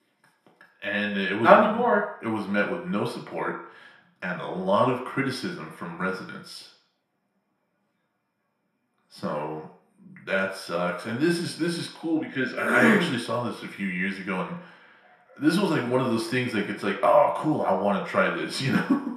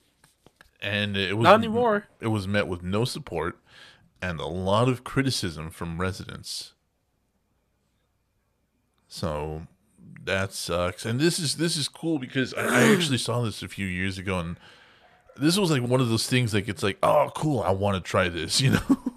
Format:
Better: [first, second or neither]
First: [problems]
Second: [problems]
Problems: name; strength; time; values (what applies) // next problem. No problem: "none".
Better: second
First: room echo; slight; dies away in 0.6 s // off-mic speech; far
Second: none